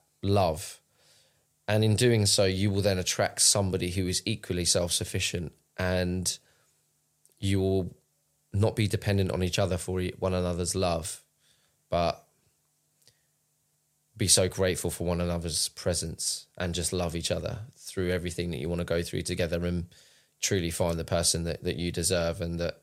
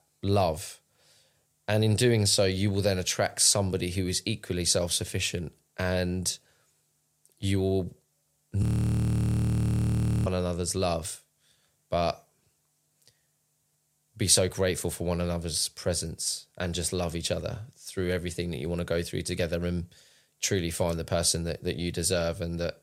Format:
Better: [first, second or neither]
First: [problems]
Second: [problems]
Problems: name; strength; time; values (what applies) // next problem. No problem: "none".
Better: first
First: none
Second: audio freezing; at 8.5 s for 1.5 s